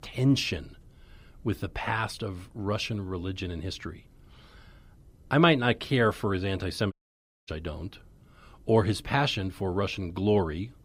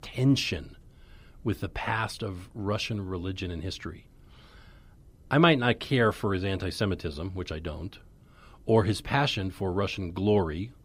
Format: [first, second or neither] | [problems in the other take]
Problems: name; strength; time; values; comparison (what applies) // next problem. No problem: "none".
second | audio cutting out; at 7 s for 0.5 s